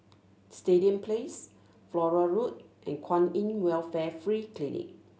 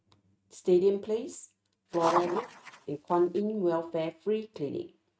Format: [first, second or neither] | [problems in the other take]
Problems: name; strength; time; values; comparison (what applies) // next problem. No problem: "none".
first | noise reduction (neural mask model RNNoise)